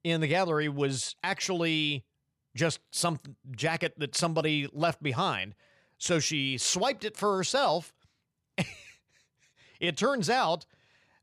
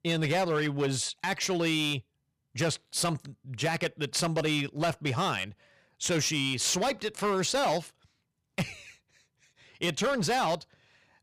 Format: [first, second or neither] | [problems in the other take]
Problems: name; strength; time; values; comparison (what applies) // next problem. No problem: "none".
first | distortion; slight; 10% of the sound clipped